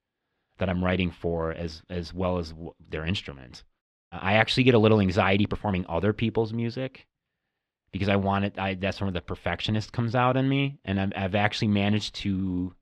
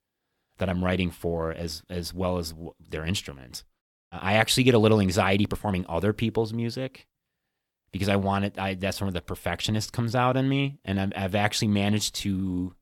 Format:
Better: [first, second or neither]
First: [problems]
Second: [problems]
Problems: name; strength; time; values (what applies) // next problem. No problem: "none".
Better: second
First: muffled; very slightly; fading above 3 kHz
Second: none